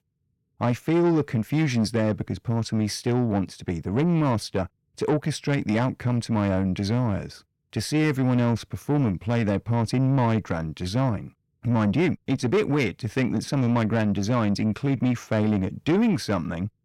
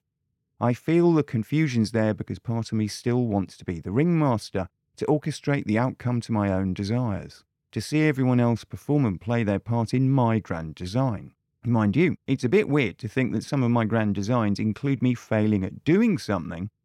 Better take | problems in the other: second | distortion; slight; 10 dB below the speech

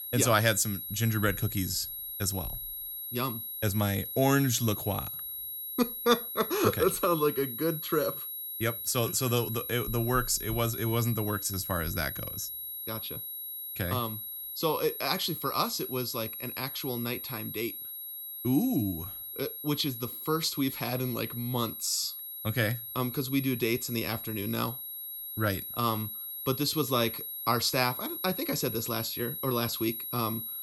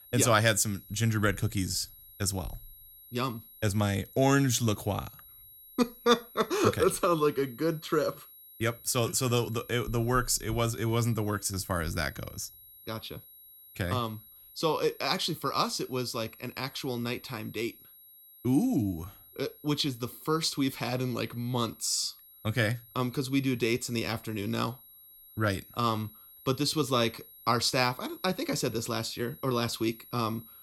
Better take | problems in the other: second | high-pitched whine; loud; throughout; 11.5 kHz, 6 dB below the speech; faint in the second

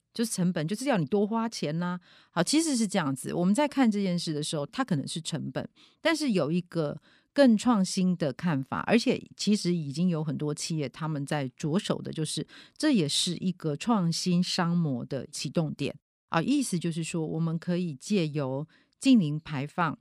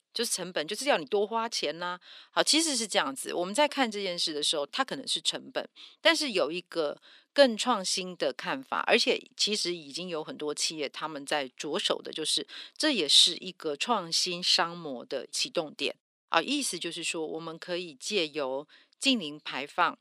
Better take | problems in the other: first | thin; somewhat; fading below 400 Hz

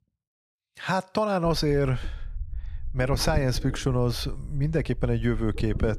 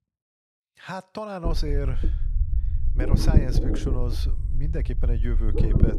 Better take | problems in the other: first | low rumble; loud; from 1.5 s on; 2 dB below the speech; faint in the first

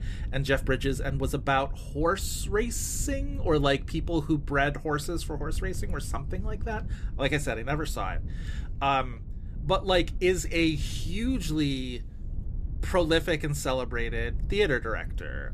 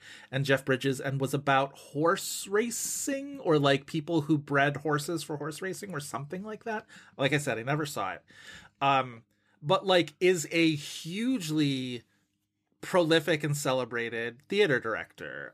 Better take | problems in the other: second | low rumble; faint; throughout; 25 dB below the speech

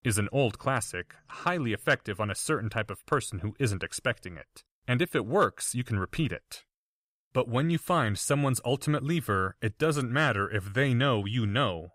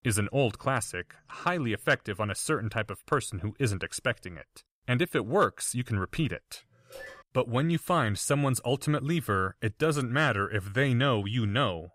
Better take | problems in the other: first | phone ringing; faint; at 7 s; peak 15 dB below the speech

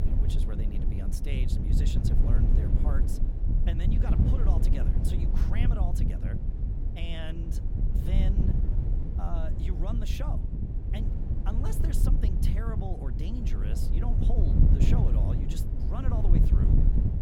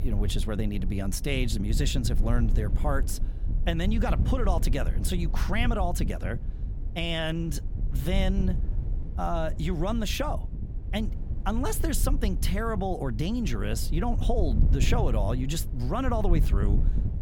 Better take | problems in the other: second | wind noise on the microphone; heavy; 1 dB above the speech; occasional gusts in the second

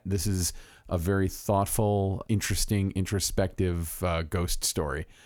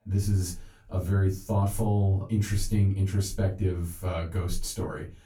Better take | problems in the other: first | off-mic speech; far // room echo; slight; dies away in 0.3 s

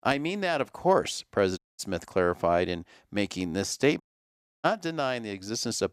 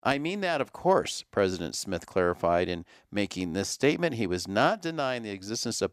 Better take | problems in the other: second | audio cutting out; at 1.5 s and at 4 s for 0.5 s

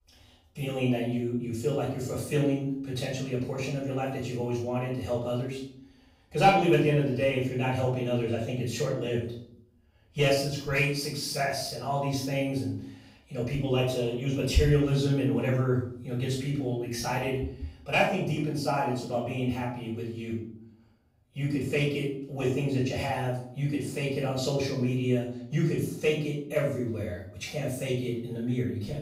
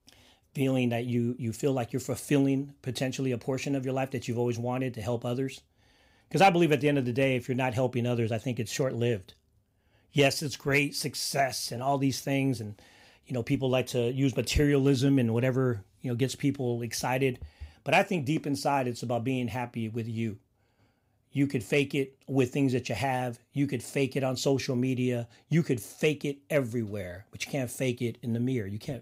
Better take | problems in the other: second | off-mic speech; far // room echo; noticeable; dies away in 0.5 s

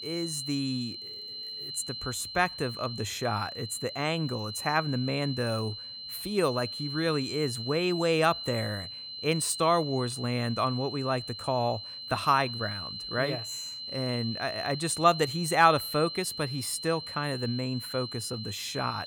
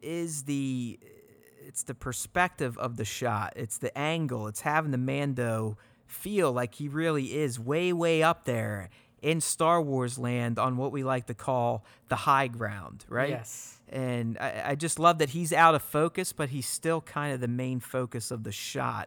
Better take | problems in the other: second | high-pitched whine; loud; throughout; 4 kHz, 7 dB below the speech

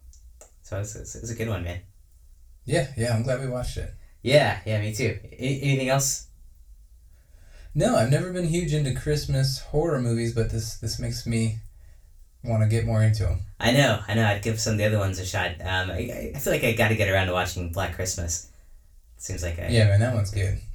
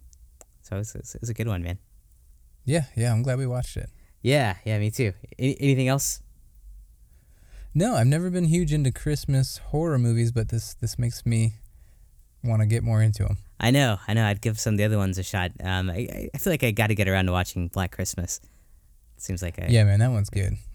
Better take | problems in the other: second | room echo; very slight; dies away in 0.3 s // off-mic speech; far

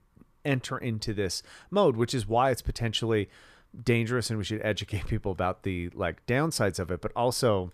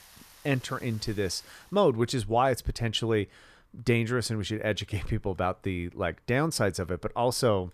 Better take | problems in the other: first | rain or running water; faint; until 1.5 s; 25 dB below the speech

